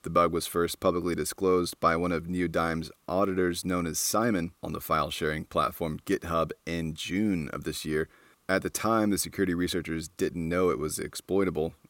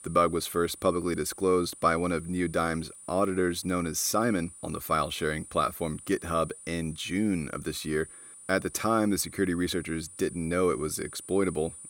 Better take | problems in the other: first | high-pitched whine; noticeable; throughout; 9 kHz, 15 dB below the speech

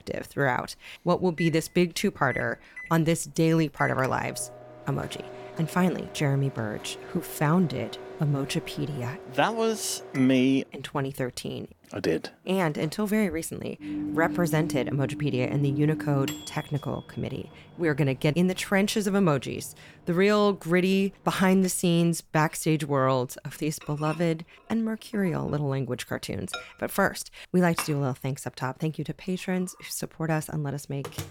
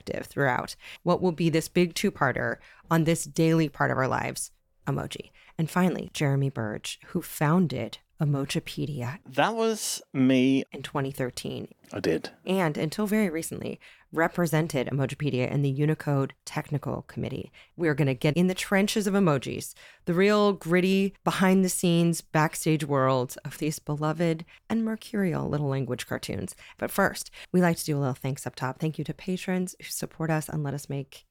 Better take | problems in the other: second | household noises; noticeable; throughout; 10 dB below the speech

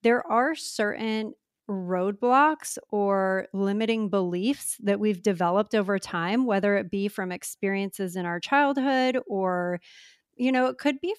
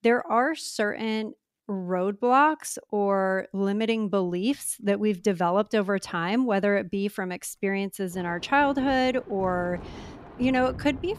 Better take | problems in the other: first | rain or running water; noticeable; from 3.5 s on; 15 dB below the speech

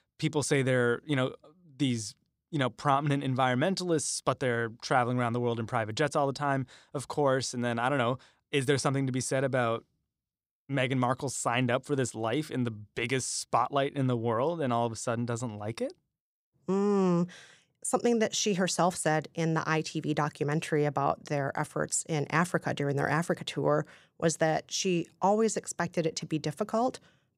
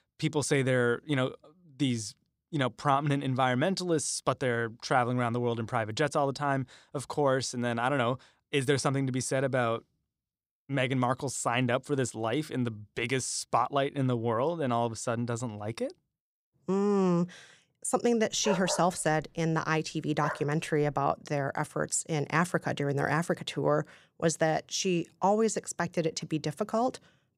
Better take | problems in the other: first | dog barking; noticeable; from 18 to 20 s; peak 4 dB below the speech

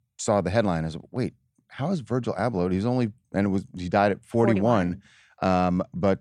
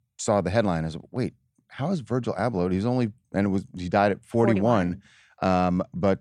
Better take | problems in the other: neither | none

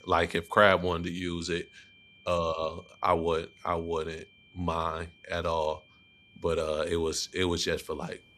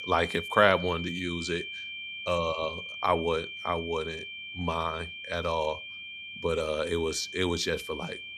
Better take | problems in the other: first | high-pitched whine; loud; throughout; 2.5 kHz, 8 dB below the speech; faint in the first

